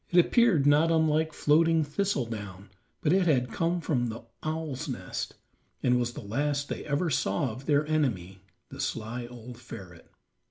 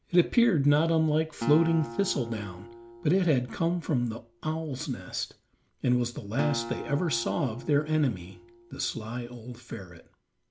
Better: first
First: none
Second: background sound (Acoustic guitar); 14 dB below the speech

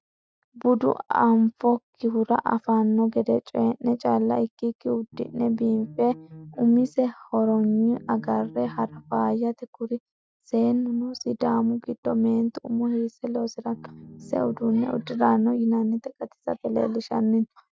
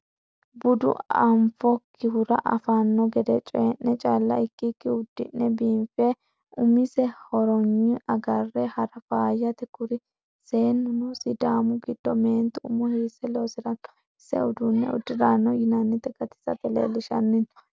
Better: second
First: noise reduction (classical method Wiener filter)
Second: none

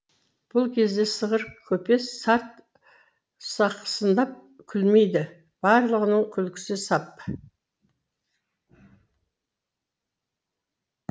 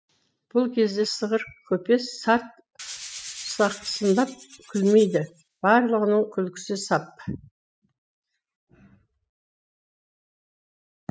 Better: first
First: none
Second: noise reduction (classical method spectral subtraction)

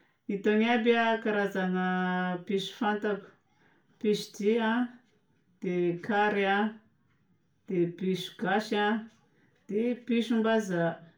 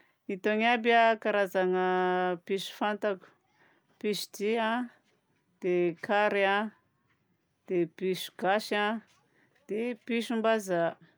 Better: second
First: room echo; dies away in 0.3 s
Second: none

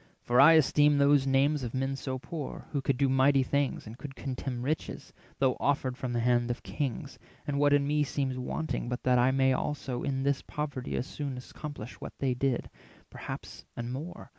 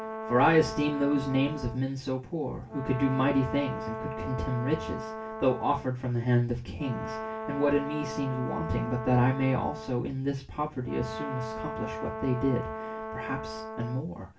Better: first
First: none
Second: background sound (Brass instrument); 8 dB below the speech // room echo; dies away in 0.2 s

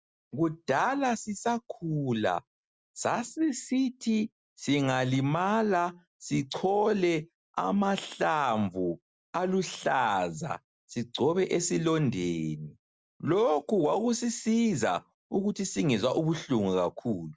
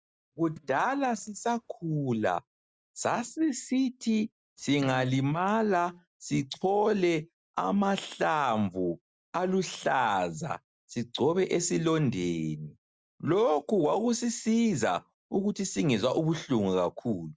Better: first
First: none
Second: noise reduction (neural mask model DeepFilterNet 3)

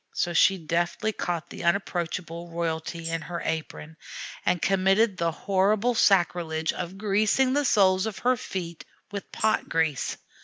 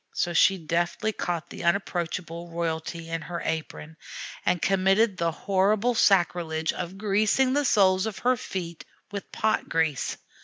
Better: second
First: background sound (Tambourine); 16 dB below the speech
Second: none

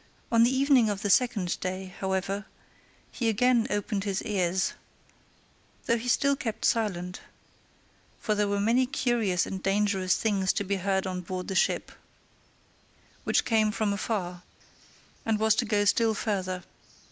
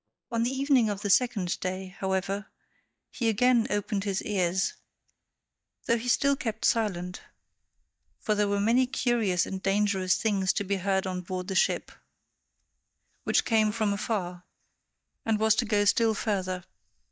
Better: first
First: none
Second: noise reduction (neural mask model DeepFilterNet 3)

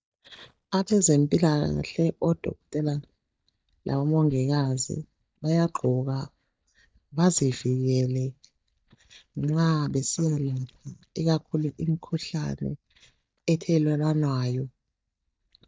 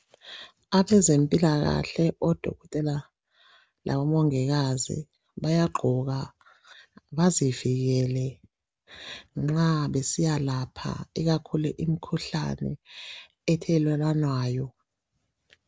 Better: second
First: noise reduction (neural mask model DeepFilterNet 3)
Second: none

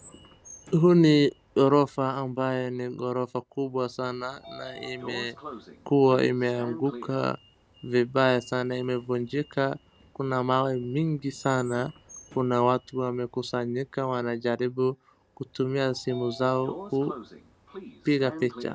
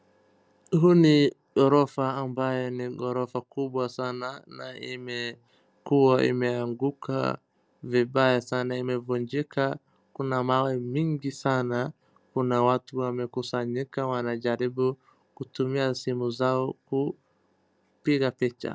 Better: second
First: background sound (Sliding door); 20 dB below the speech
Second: none

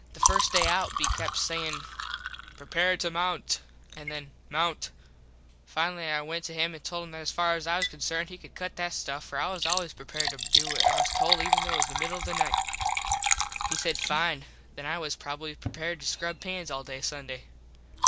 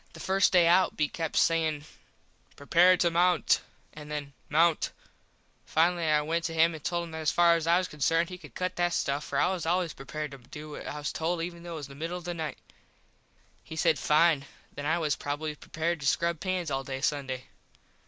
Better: second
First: background sound (Liquid); 1 dB above the speech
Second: none

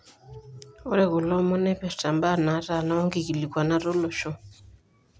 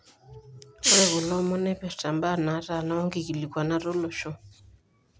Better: first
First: none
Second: background sound (Hiss); 1 dB above the speech

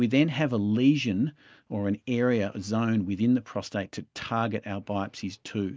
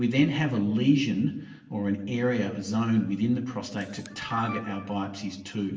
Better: first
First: none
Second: background sound (Camera); 16 dB below the speech // room echo; dies away in 0.8 s

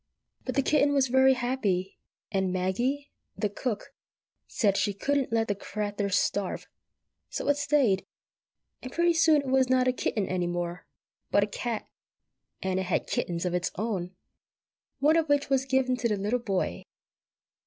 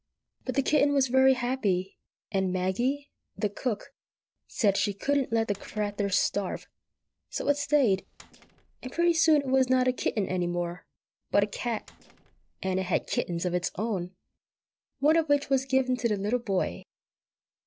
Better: first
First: none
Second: noise reduction (neural separator model SepFormer DNS4)

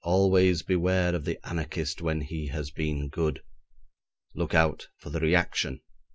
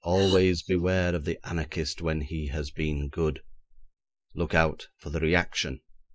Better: first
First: none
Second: noise reduction (neural mask model Resemble Enhance denoiser)

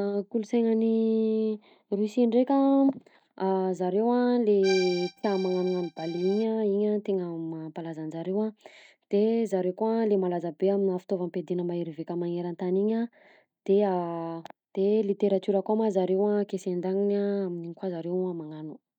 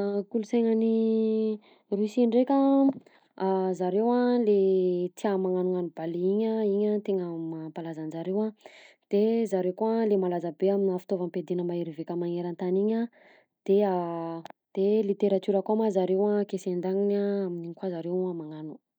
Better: second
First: noise reduction (neural mask model RNNoise)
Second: none

